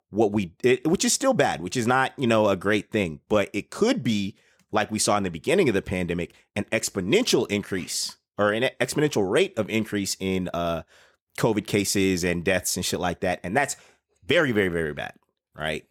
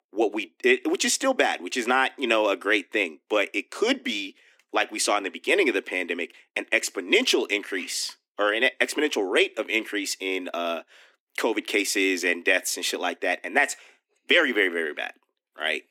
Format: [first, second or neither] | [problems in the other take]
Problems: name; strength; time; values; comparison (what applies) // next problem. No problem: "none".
first | thin; very slightly; fading below 250 Hz